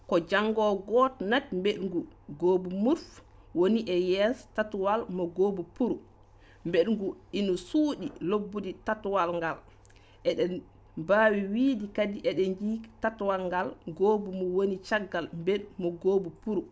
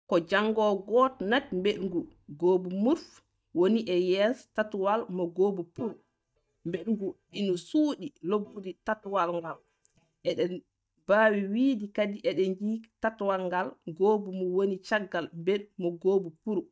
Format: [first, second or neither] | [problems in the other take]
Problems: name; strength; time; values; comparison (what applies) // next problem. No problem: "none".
first | noise reduction (neural mask model DeepFilterNet 3)